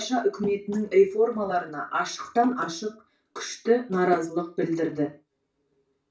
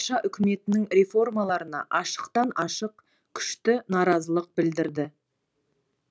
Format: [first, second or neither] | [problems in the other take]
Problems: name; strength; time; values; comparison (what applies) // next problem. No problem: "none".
second | room echo; dies away in 0.3 s